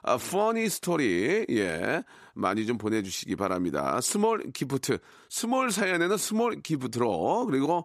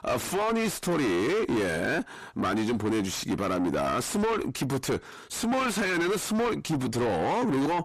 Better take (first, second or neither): first